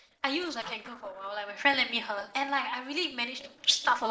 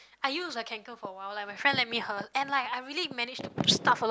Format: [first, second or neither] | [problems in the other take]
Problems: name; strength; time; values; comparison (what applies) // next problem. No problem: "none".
second | noise reduction (neural separator model SepFormer DNS4)